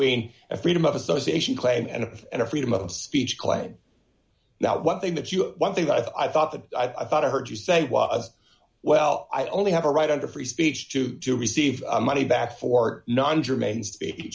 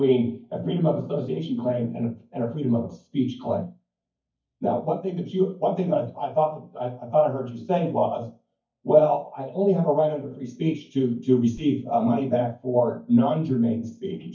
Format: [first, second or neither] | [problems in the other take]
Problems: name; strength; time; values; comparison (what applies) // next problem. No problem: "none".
first | noise reduction (neural mask model DeepFilterNet 3)